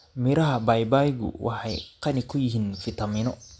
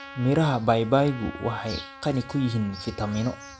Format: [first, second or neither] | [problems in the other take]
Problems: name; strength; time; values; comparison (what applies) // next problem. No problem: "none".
first | background sound (Trumpet); 18 dB below the speech